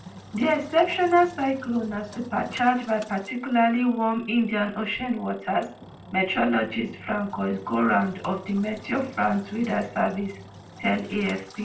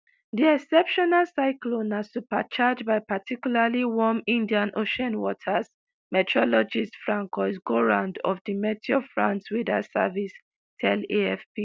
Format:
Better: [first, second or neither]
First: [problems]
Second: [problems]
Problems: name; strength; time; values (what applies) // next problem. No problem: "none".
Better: second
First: background sound (Engine); 20 dB below the speech // room echo; dies away in 0.3 s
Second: none